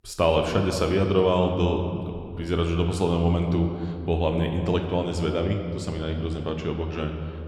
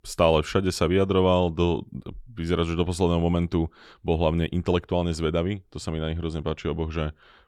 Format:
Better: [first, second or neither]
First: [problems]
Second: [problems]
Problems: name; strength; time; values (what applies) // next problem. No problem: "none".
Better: second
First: room echo; slight; dies away in 1.9 s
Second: none